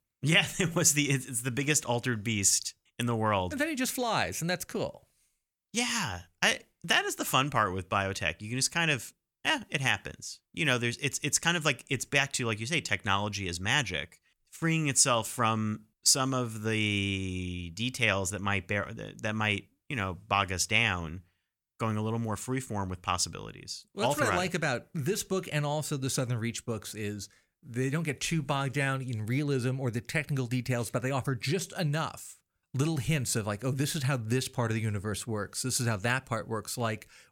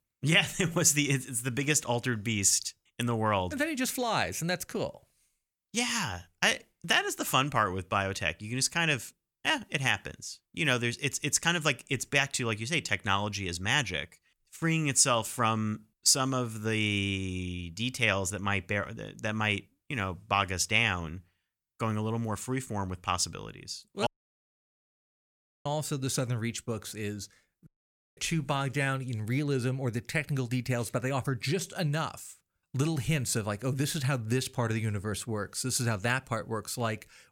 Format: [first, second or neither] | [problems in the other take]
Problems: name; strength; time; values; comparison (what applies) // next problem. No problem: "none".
first | audio cutting out; at 24 s for 1.5 s and at 28 s for 0.5 s